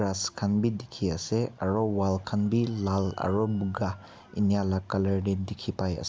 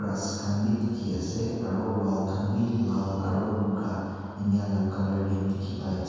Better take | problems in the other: first | room echo; dies away in 2.1 s

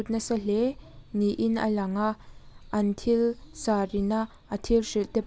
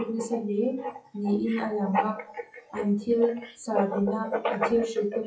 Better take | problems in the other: first | noise reduction (classical method WPE with log-MMSE)

